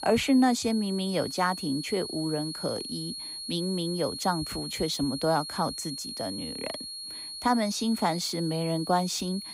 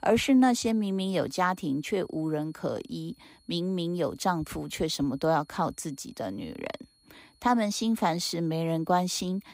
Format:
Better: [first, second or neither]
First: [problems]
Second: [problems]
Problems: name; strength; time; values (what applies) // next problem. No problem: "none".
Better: second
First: high-pitched whine; loud; throughout; 4.5 kHz, 7 dB below the speech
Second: high-pitched whine; faint; throughout; 4.5 kHz, 35 dB below the speech